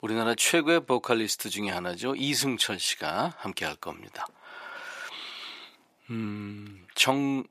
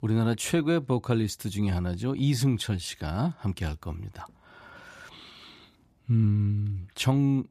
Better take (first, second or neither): second